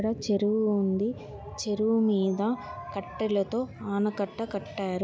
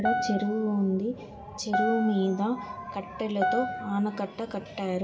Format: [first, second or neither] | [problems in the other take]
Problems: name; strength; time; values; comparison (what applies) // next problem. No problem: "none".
first | background sound (Piano); 5 dB below the speech // room echo; dies away in 1.2 s